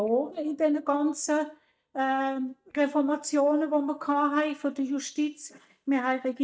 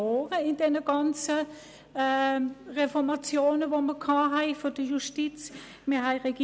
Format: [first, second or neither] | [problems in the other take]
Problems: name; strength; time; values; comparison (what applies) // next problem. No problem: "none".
second | noise reduction (neural mask model DeepFilterNet 3)